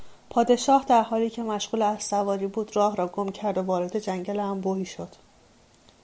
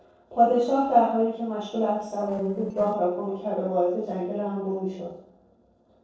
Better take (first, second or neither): first